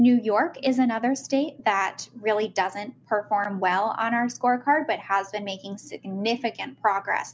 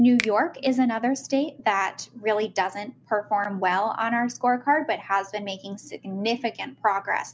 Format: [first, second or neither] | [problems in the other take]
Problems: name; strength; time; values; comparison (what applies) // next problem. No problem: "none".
first | background sound (Finger snapping); 14 dB below the speech